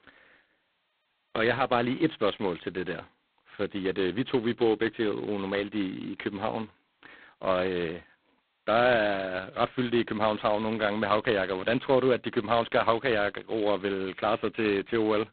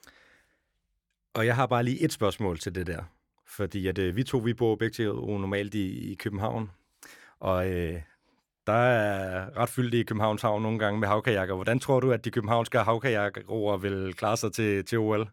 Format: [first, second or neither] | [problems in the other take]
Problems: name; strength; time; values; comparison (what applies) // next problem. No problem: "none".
second | phone-call audio; poor line; nothing above 4 kHz